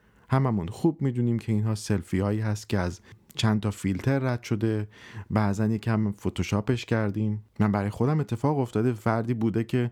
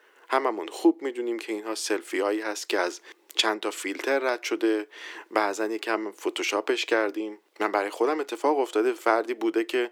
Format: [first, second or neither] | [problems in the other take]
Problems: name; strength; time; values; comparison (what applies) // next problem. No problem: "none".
first | thin; very; fading below 300 Hz